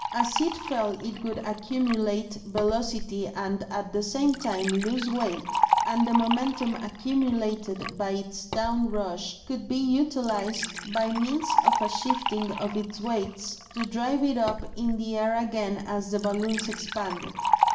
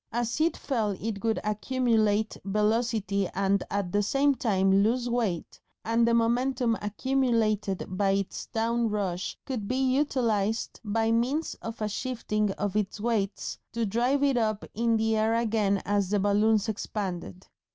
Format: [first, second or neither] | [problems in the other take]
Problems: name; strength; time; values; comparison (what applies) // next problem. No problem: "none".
second | background sound (Liquid); 4 dB below the speech // room echo; dies away in 0.7 s